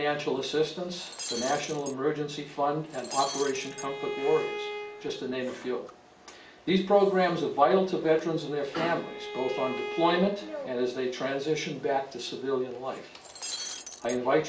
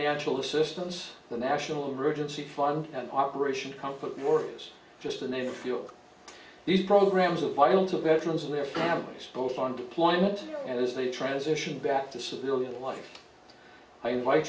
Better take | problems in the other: second | background sound (Bowed string instrument + Shatter); 10 dB below the speech

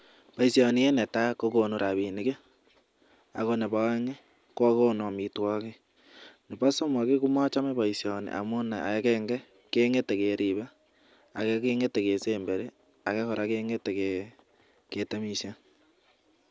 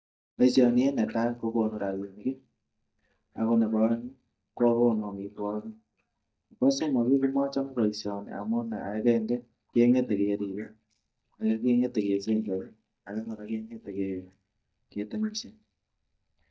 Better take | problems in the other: first | noise reduction (neural mask model DeepFilterNet 3)

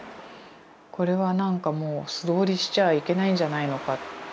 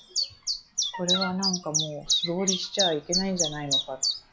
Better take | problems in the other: first | noise reduction (classical method log-MMSE)

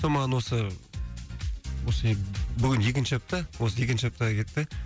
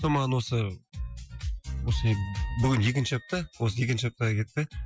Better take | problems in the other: first | noise reduction (classical method Wiener filter)

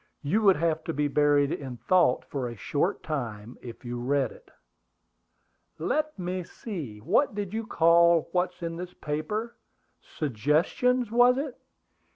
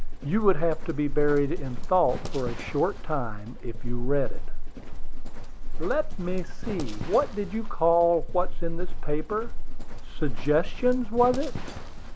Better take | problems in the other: first | background sound (Livestock, farm animals, working animals); 2 dB above the speech

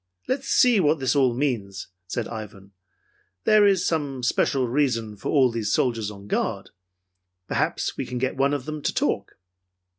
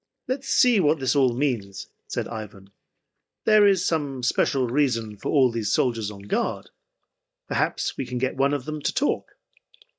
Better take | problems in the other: first | noise reduction (neural mask model DeepFilterNet 3)

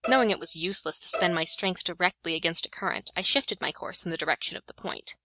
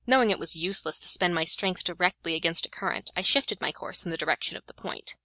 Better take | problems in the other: second | noise reduction (neural mask model RNNoise)

